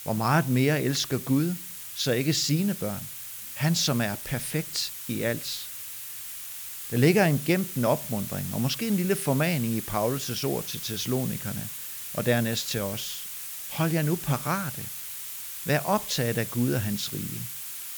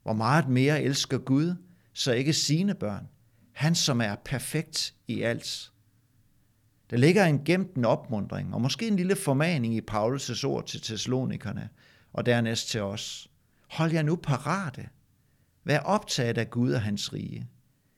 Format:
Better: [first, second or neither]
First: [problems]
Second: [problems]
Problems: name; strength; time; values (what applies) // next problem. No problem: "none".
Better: second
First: hiss; loud; throughout; 8 dB below the speech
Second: none